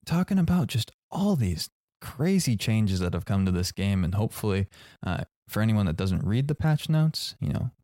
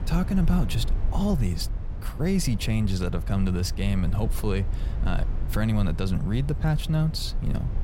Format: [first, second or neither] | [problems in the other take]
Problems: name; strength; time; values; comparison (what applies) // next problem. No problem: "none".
first | low rumble; noticeable; throughout; 15 dB below the speech